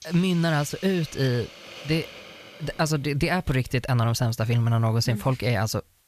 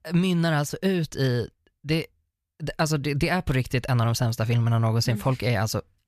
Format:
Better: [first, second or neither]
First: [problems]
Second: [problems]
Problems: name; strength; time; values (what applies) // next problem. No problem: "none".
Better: second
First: hiss; noticeable; throughout; 15 dB below the speech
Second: none